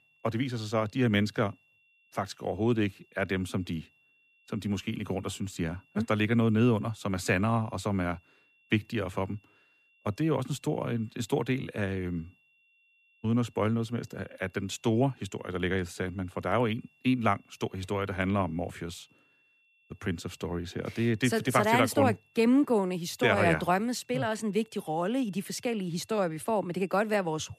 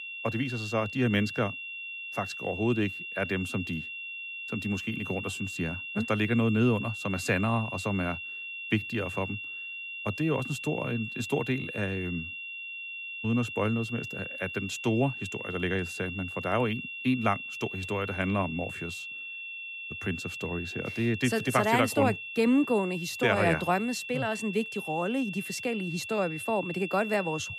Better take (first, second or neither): first